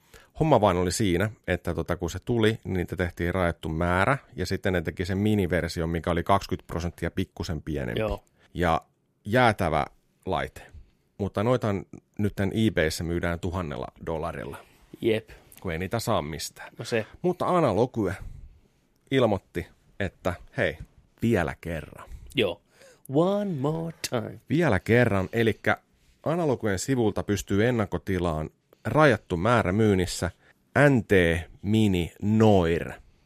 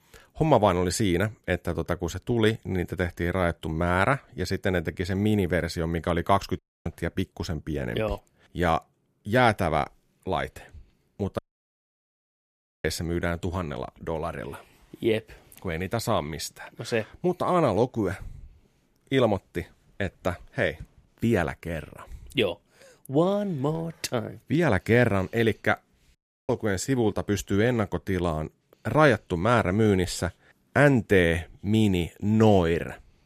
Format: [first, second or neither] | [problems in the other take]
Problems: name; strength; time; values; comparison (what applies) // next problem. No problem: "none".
first | audio cutting out; at 6.5 s, at 11 s for 1.5 s and at 26 s